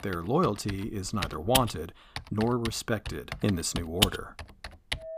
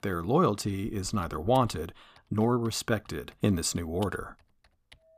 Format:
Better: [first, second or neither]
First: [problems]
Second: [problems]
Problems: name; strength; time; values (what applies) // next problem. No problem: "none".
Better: second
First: household noises; loud; throughout; 3 dB below the speech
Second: household noises; faint; throughout; 25 dB below the speech